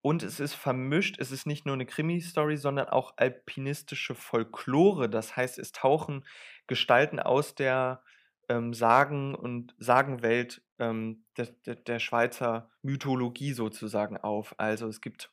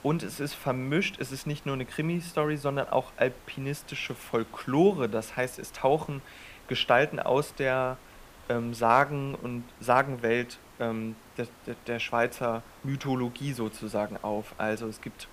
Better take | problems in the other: first | hiss; faint; throughout; 20 dB below the speech

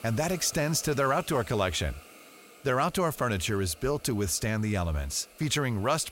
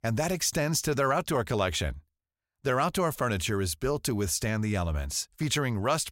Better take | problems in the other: second | hiss; faint; throughout; 20 dB below the speech

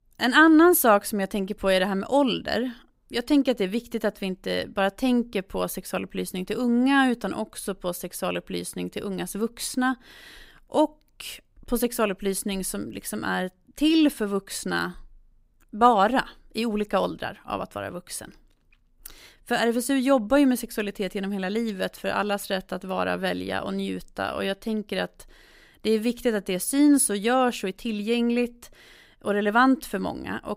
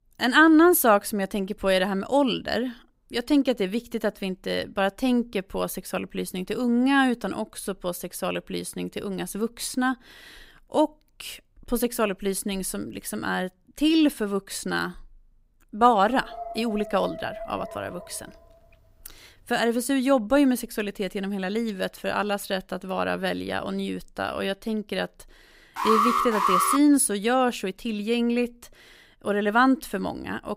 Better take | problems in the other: first | dog barking; faint; from 16 to 18 s; peak 10 dB below the speech // alarm; loud; from 26 to 27 s; peak 3 dB above the speech

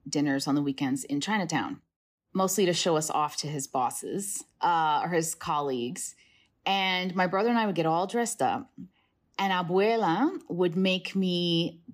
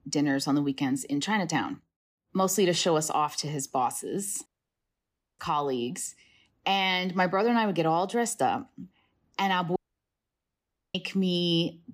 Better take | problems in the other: first | audio cutting out; at 4.5 s for 1 s and at 10 s for 1 s

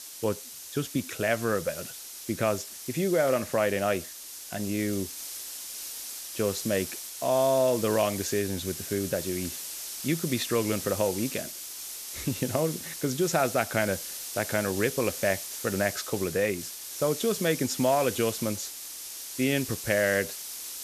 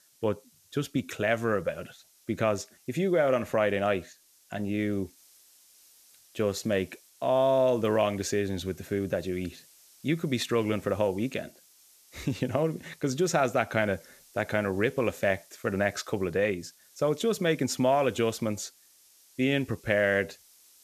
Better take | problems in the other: second | hiss; loud; throughout; 7 dB below the speech; faint in the second

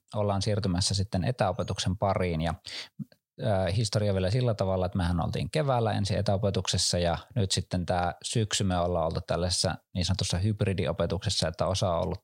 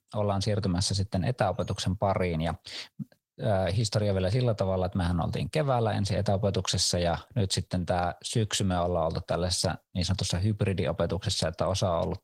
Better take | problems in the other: first | garbled, watery; slightly; nothing above 15.5 kHz

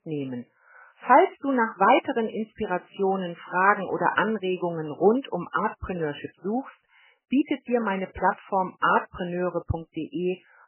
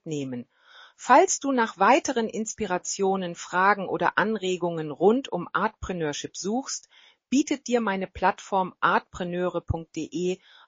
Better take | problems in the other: second | garbled, watery; badly; nothing above 3 kHz; slightly in the second

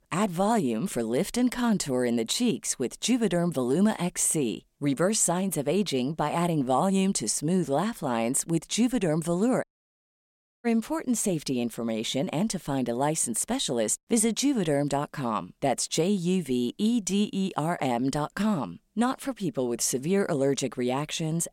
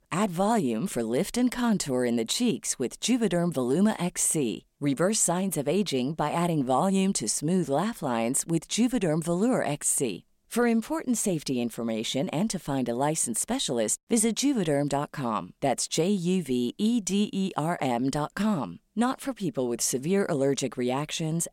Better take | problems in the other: second | audio cutting out; at 9.5 s for 1 s

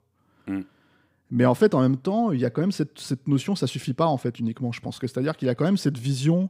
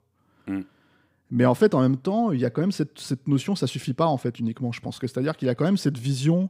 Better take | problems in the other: neither | none

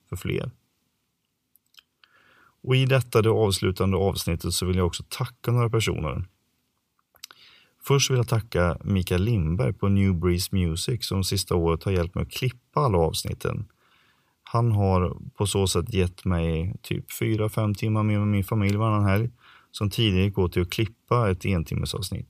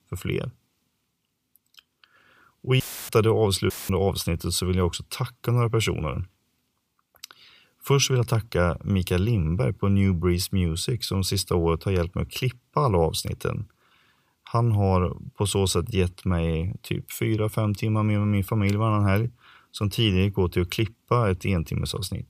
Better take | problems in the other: first | audio cutting out; filled with static; at 3 s and at 3.5 s

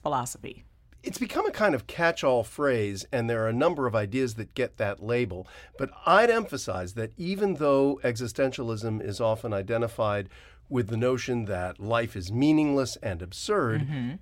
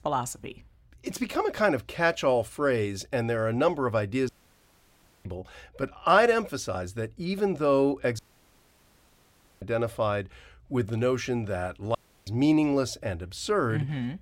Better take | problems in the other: first | audio cutting out; at 4.5 s for 1 s, at 8 s for 1.5 s and at 12 s

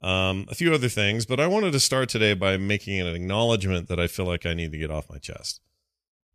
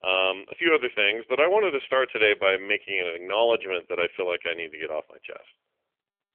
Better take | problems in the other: first | phone-call audio; nothing above 3.5 kHz

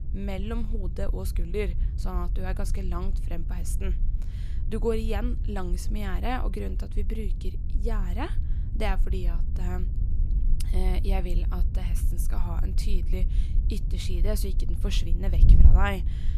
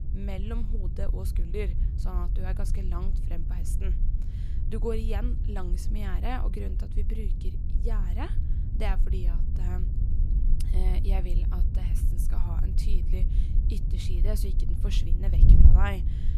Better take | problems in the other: first | wind noise on the microphone; heavy; 5 dB below the speech; occasional gusts in the first

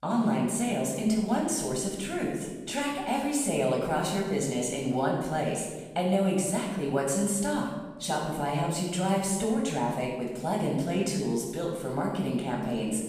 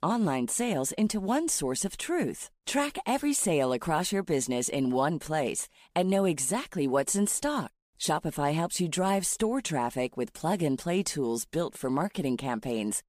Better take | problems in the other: second | off-mic speech; somewhat distant // room echo; noticeable; dies away in 1.2 s

